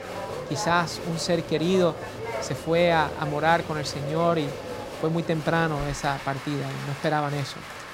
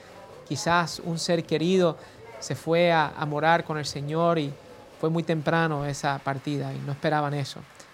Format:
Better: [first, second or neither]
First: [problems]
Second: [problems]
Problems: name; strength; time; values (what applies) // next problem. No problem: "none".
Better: second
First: crowd noise; loud; throughout; 9 dB below the speech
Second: crowd noise; faint; throughout; 20 dB below the speech